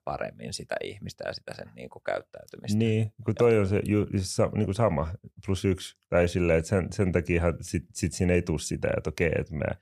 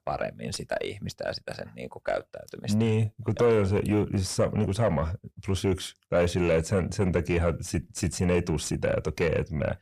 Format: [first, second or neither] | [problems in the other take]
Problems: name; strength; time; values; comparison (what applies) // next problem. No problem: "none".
first | distortion; slight; 9 dB below the speech